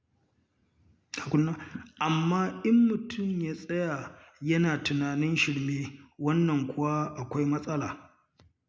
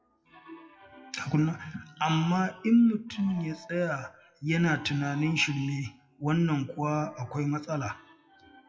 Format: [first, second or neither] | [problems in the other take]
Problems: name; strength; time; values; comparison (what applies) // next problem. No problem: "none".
first | noise reduction (classical method WPE with log-MMSE)